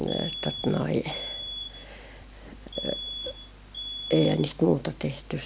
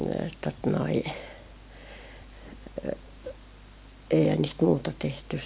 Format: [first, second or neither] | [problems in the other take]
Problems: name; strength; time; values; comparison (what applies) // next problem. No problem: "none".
second | background sound (Alarm); 7 dB below the speech